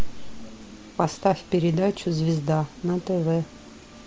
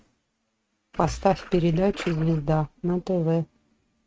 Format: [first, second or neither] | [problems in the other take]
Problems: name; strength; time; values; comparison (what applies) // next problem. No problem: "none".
first | noise reduction (neural mask model RNNoise)